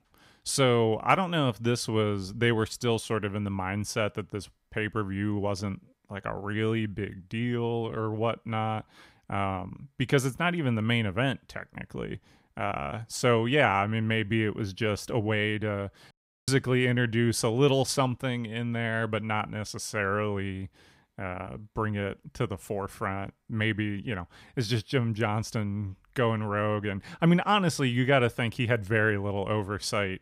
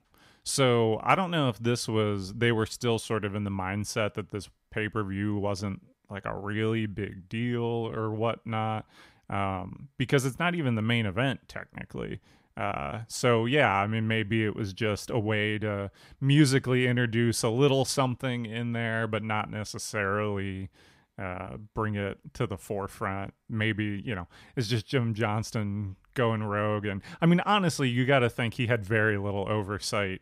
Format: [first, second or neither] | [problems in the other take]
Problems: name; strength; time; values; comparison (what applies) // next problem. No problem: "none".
second | audio cutting out; at 16 s